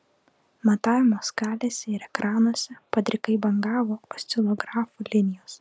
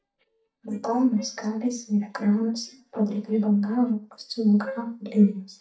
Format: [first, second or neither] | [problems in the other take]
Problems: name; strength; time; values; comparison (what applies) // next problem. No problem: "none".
first | noise reduction (neural mask model DeepFilterNet 3)